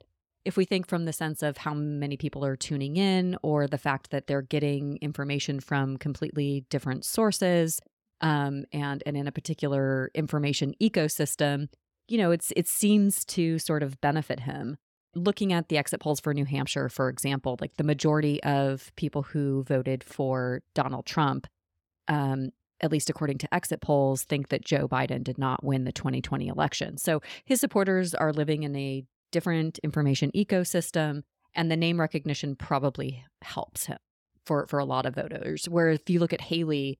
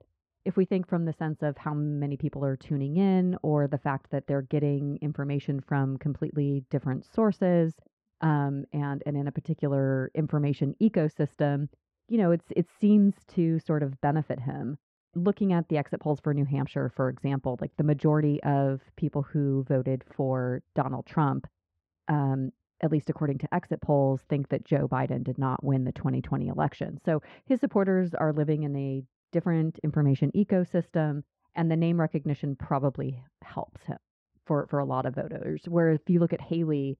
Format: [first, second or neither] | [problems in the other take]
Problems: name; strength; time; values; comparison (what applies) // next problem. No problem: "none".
first | muffled; very; fading above 1.5 kHz